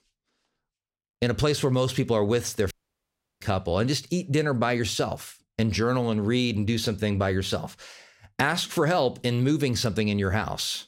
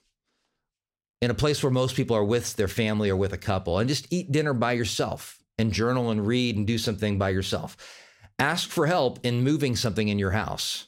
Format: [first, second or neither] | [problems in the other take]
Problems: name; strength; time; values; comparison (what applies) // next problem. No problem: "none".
second | audio cutting out; at 2.5 s for 0.5 s